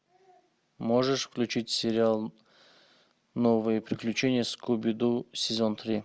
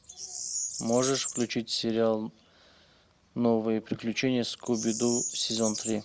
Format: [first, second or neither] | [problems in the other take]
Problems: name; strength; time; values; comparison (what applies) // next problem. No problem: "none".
first | background sound (Bird vocalization, bird call, bird song); 9 dB below the speech